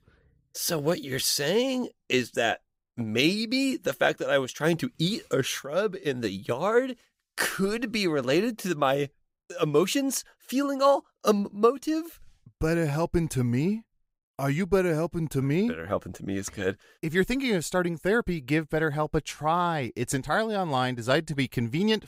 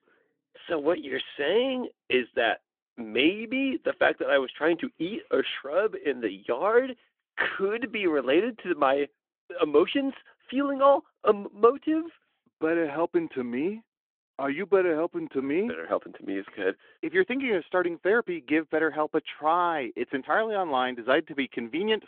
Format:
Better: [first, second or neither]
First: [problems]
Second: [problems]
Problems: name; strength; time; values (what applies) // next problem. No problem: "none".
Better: first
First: none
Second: phone-call audio; nothing above 3.5 kHz